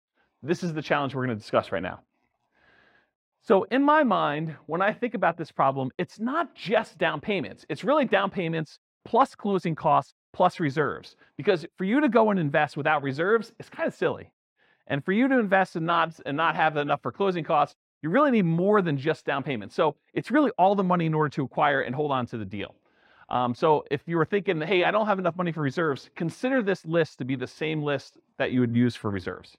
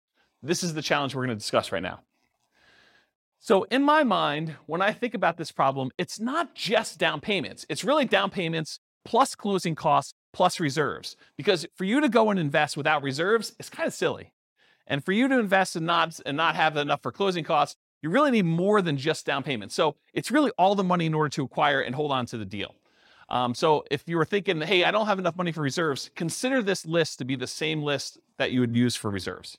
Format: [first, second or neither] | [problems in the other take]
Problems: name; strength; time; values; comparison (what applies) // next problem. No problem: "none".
second | muffled; slightly; fading above 3.5 kHz